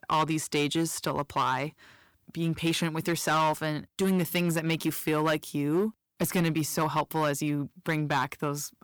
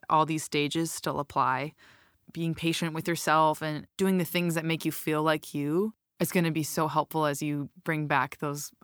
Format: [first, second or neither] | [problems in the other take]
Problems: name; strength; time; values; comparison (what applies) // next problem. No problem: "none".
second | distortion; slight; 6% of the sound clipped